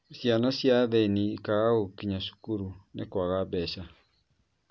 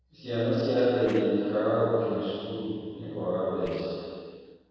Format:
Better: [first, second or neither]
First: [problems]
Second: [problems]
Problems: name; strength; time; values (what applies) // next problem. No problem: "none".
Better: first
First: none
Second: noise reduction (neural separator model SepFormer DNS4)